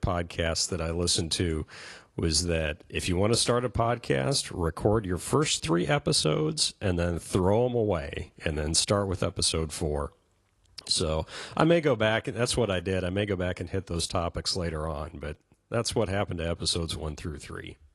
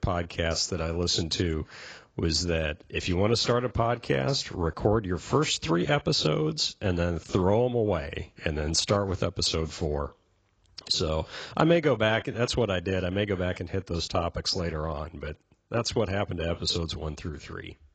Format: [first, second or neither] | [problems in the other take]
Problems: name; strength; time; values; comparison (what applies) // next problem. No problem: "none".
first | garbled, watery; badly; nothing above 7.5 kHz; slightly in the first